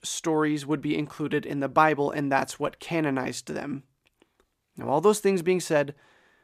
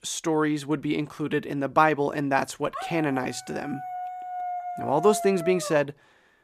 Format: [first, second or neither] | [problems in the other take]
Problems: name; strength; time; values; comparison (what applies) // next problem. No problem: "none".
first | dog barking; noticeable; from 2.5 to 6 s; peak 6 dB below the speech